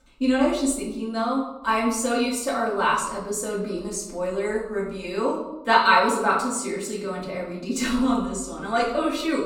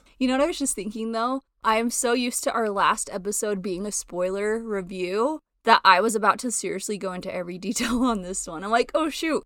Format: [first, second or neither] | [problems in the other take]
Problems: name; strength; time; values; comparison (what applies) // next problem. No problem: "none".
second | off-mic speech; far // room echo; noticeable; dies away in 0.8 s